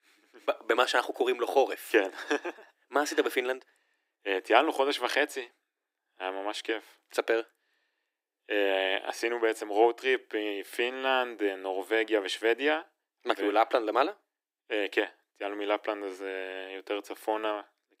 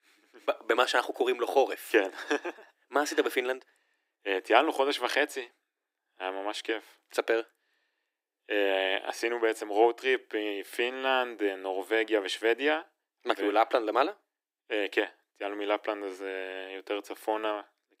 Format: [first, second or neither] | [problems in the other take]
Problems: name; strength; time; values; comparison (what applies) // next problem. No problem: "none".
neither | thin; very; fading below 300 Hz; the same in both